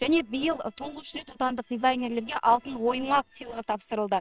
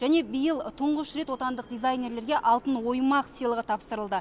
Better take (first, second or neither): second